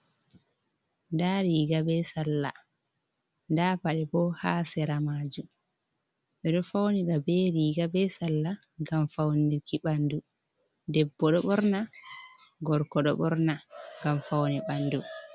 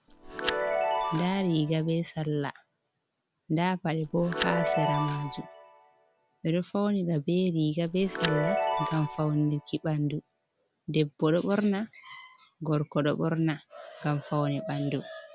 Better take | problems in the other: first | background sound (Chime); 5 dB below the speech

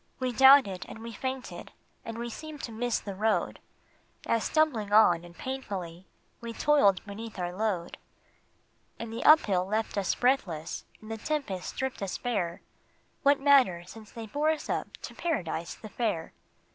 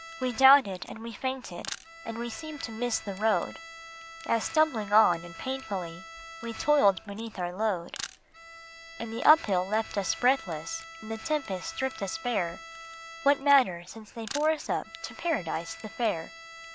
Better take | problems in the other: first | background sound (Bowed string instrument + Camera); 16 dB below the speech

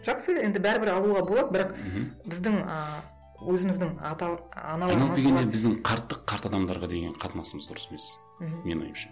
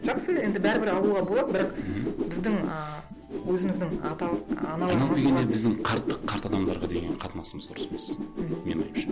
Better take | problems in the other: first | background sound (Whoosh, swoosh, swish); 3 dB below the speech

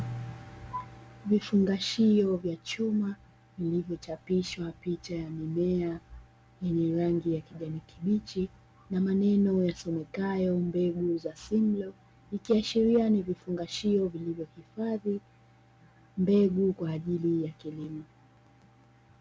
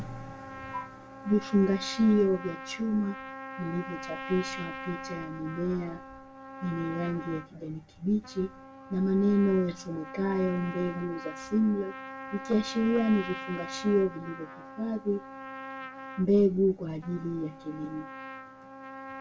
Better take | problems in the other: first | background sound (Trumpet); 12 dB below the speech // room echo; dies away in 0.2 s

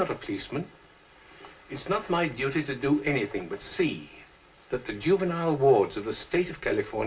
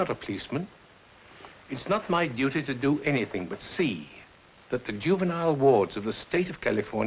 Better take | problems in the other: second | room echo; dies away in 0.2 s

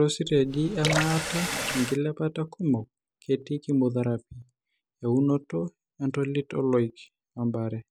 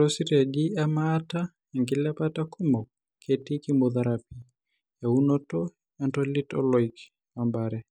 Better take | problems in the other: second | background sound (Water tap, faucet / Water); 3 dB below the speech

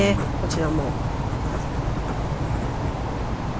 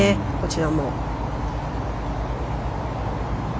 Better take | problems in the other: second | background sound (Writing + Water); 3 dB below the speech

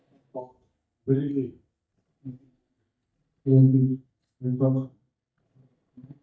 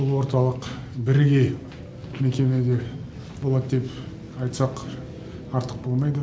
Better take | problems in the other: second | noise reduction (neural mask model DeepFilterNet 3)

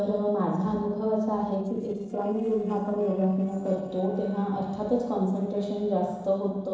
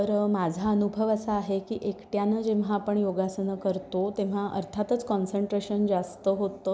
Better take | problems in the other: second | noise reduction (neural separator model SepFormer DNS4)

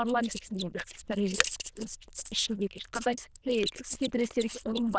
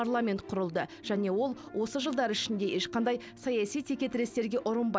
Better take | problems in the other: second | noise reduction (neural diffusion model UNIVERSE++)

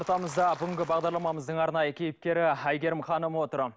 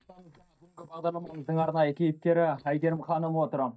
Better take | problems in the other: first | noise reduction (neural mask model DeepFilterNet 3)

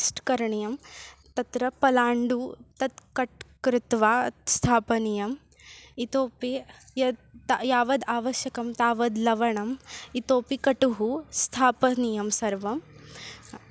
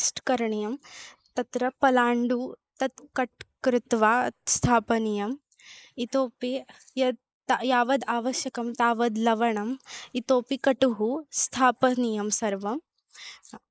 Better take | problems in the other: first | noise reduction (neural mask model Resemble Enhance denoiser)

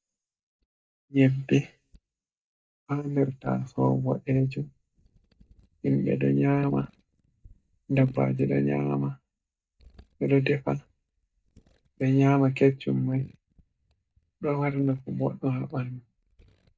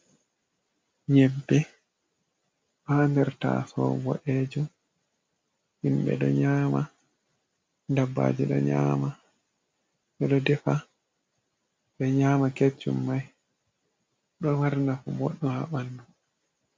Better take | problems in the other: second | noise reduction (neural mask model DeepFilterNet 3)

